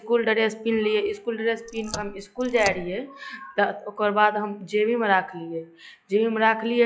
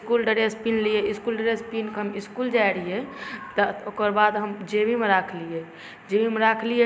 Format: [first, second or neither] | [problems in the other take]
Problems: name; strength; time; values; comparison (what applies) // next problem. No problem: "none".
second | noise reduction (classical method log-MMSE)